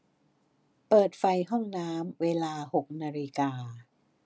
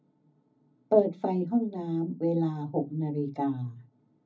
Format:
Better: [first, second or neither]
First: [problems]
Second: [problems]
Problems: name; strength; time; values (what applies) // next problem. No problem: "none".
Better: first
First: none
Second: room echo; dies away in 0.4 s